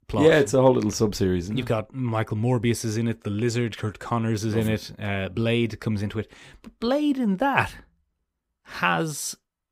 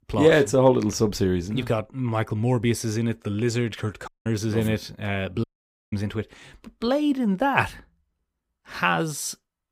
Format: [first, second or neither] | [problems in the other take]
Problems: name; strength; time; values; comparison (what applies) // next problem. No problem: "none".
first | audio cutting out; at 4 s and at 5.5 s